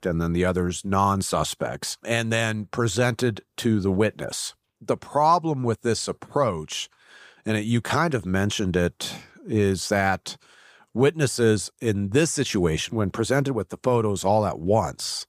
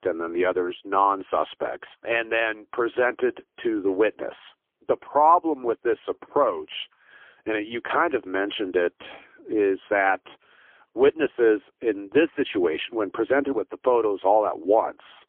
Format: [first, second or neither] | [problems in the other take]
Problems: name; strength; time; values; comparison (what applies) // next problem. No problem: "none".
first | phone-call audio; poor line; nothing above 3.5 kHz